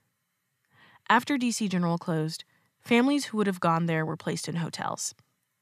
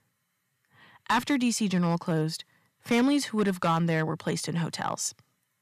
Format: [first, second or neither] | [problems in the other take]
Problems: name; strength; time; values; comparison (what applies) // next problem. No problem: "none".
first | distortion; slight; 3% of the sound clipped